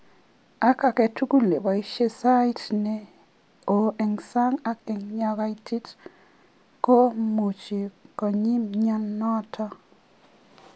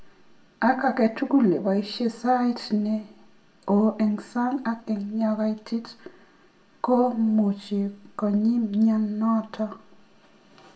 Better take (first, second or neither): first